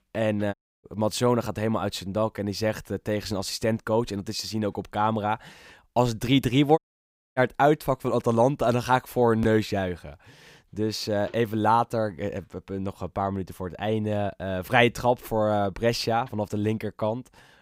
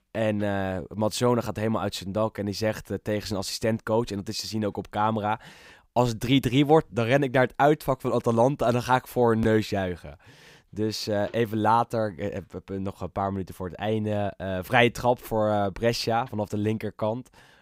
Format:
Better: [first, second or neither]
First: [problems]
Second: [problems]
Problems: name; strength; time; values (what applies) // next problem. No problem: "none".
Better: second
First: audio cutting out; at 0.5 s and at 7 s for 0.5 s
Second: none